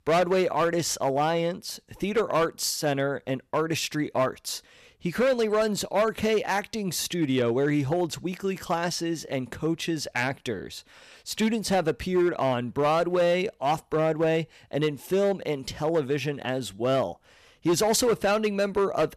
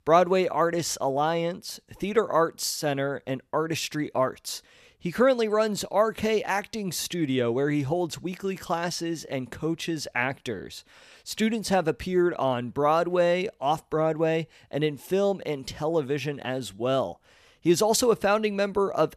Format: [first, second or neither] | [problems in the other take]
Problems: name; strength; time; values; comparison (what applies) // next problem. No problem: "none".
second | distortion; slight; 6% of the sound clipped